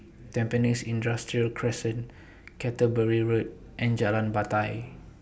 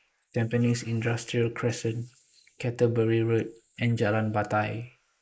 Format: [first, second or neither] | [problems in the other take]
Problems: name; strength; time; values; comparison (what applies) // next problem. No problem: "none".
first | noise reduction (neural mask model Resemble Enhance denoiser)